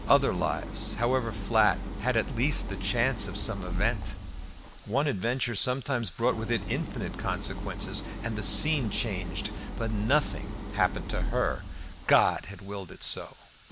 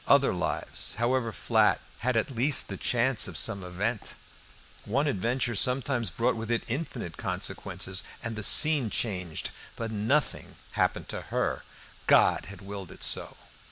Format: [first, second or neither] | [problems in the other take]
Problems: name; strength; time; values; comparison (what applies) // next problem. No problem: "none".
second | background sound (Idling); 5 dB below the speech